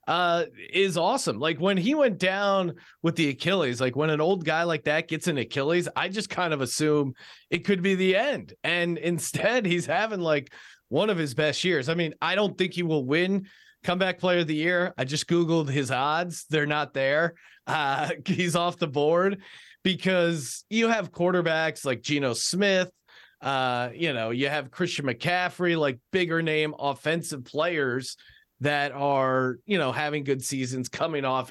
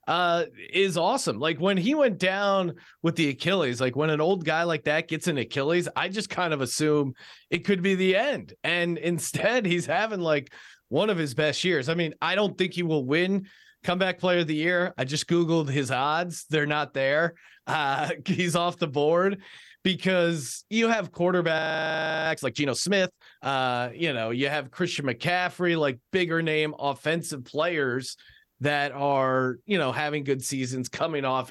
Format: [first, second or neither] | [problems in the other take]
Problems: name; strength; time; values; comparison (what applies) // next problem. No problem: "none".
first | audio freezing; at 22 s for 0.5 s